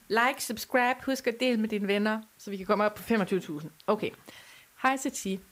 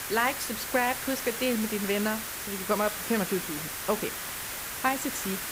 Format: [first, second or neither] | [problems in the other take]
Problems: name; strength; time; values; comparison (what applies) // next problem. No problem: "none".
first | hiss; loud; throughout; 3 dB below the speech; faint in the first